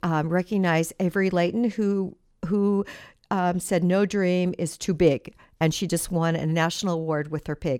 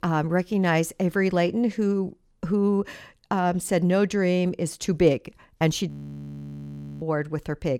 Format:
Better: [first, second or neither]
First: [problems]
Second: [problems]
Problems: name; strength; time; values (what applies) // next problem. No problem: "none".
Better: first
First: none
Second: audio freezing; at 6 s for 1 s